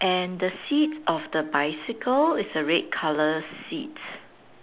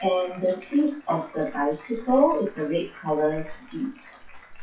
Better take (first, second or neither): first